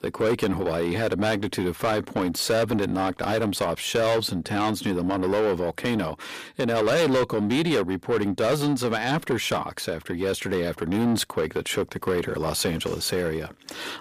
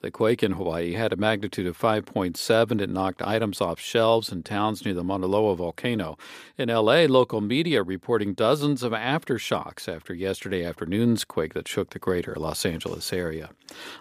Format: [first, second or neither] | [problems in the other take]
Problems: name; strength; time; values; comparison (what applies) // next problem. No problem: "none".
second | distortion; heavy; 7 dB below the speech